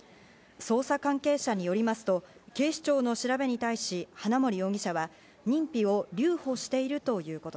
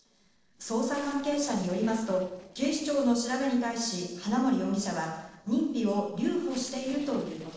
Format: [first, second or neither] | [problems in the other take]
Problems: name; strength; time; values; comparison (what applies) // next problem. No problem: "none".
first | noise reduction (neural separator model SepFormer DNS4)